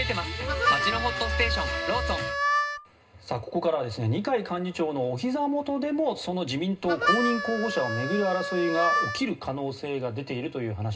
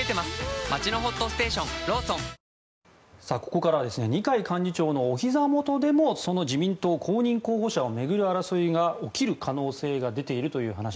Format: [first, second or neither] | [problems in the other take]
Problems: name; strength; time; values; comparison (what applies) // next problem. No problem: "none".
second | background sound (Harmonica); 1 dB below the speech // room echo; dies away in 0.2 s